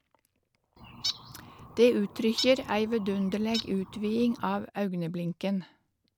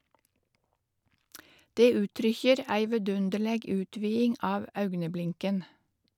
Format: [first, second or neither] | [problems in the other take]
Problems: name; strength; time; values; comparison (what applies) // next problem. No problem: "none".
second | background sound (Bird); 10 dB below the speech